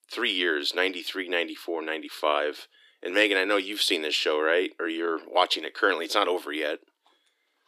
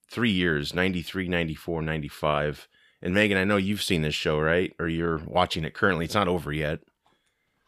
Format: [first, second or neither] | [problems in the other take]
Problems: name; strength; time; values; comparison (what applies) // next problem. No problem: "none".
second | thin; somewhat; fading below 300 Hz